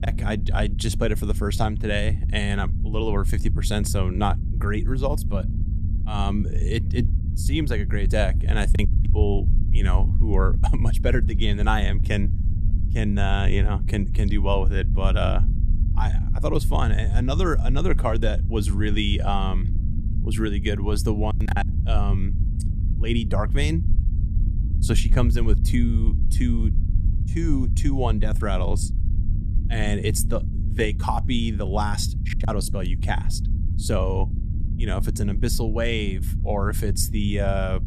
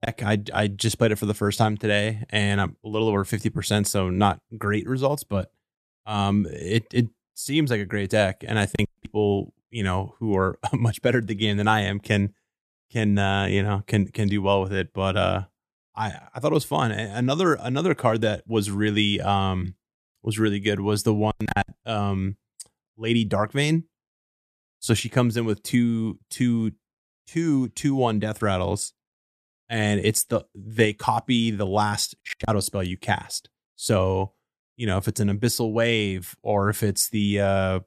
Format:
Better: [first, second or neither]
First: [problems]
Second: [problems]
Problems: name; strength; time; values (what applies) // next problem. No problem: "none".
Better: second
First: low rumble; noticeable; throughout; 10 dB below the speech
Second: none